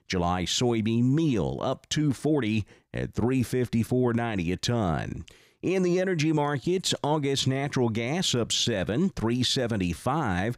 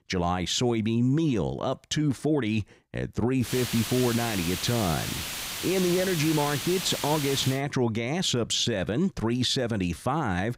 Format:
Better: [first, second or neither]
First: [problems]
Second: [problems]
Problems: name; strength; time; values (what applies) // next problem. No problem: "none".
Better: first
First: none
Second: hiss; loud; from 3.5 to 7.5 s; 5 dB below the speech